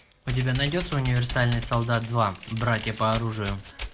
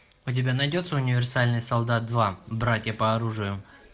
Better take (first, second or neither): second